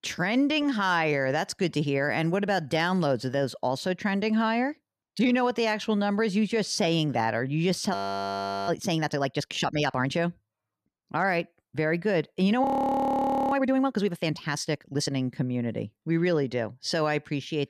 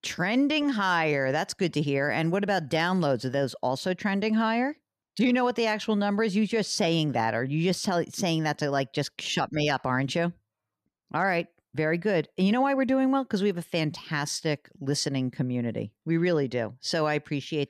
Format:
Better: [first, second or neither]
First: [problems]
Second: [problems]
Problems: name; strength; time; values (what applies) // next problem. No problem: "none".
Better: second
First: audio freezing; at 8 s for 0.5 s and at 13 s for 1 s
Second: none